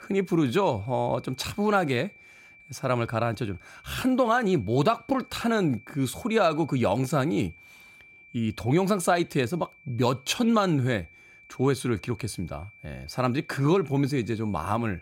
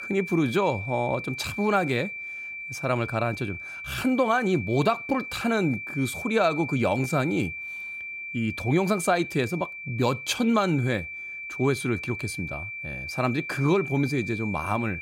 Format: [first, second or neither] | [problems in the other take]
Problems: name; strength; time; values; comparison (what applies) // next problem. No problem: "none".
first | high-pitched whine; loud; throughout; 2.5 kHz, 8 dB below the speech; faint in the first